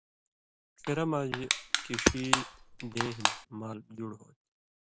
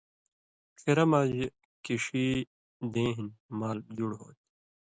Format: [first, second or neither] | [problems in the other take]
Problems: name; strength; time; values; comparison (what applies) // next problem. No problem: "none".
second | background sound (Hammer + Crushing); 3 dB above the speech